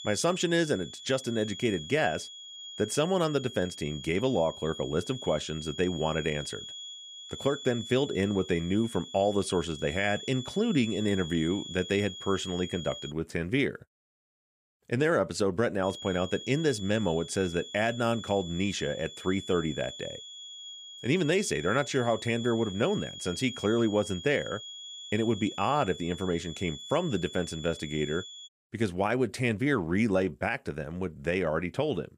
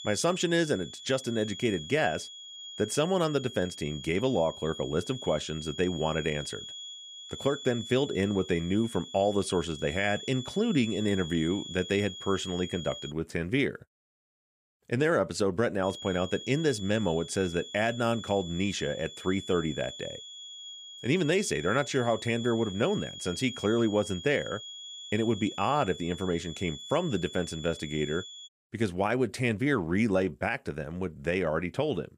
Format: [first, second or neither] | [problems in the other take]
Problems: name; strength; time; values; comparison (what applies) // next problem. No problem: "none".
neither | high-pitched whine; noticeable; until 13 s and from 16 to 28 s; 3.5 kHz, 10 dB below the speech; the same in both